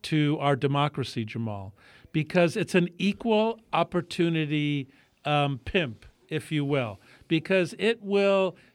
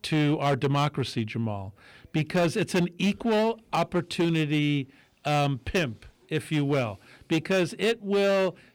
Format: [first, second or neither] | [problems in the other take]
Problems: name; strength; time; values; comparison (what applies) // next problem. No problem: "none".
first | distortion; slight; 10% of the sound clipped